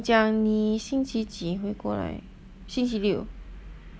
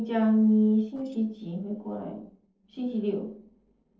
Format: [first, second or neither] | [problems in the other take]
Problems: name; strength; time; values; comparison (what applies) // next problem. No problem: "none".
first | noise reduction (neural separator model SepFormer DNS4)